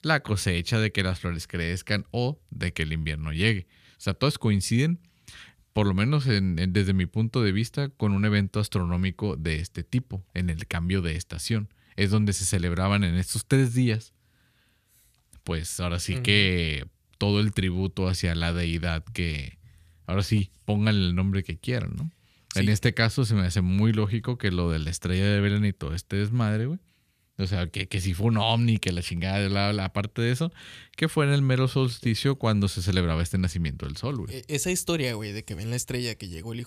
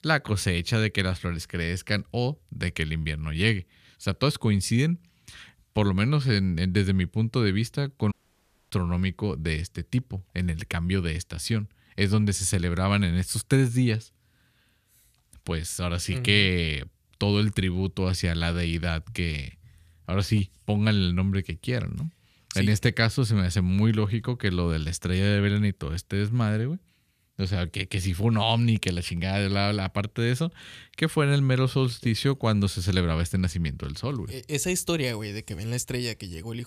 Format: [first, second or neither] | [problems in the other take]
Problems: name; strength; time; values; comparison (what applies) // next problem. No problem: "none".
first | audio cutting out; at 8 s for 0.5 s